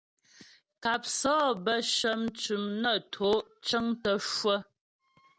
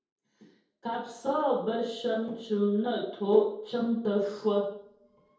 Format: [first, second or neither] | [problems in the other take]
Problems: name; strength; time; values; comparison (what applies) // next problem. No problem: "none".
first | room echo; dies away in 0.7 s